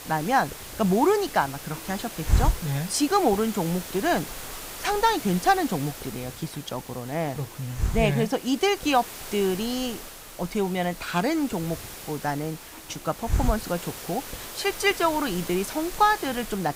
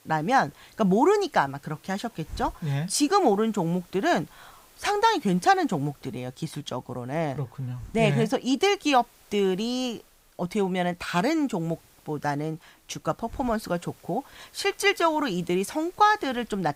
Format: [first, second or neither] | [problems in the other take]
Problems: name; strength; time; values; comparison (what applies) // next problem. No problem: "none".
second | hiss; loud; throughout; 9 dB below the speech; faint in the second